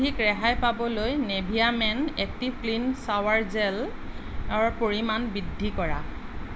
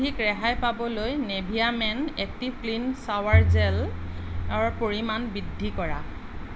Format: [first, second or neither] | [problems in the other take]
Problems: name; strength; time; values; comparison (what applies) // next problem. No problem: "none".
first | background sound (Bowed string instrument); 1 dB above the speech